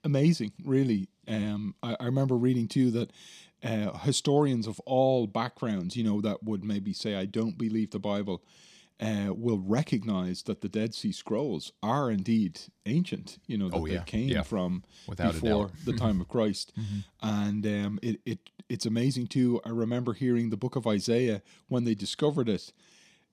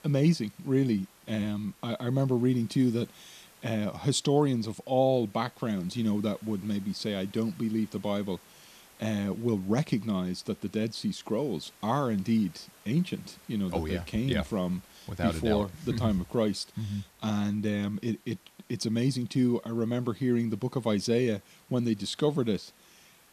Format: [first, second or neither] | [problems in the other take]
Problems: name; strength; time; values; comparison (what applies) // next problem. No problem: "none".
first | hiss; faint; throughout; 25 dB below the speech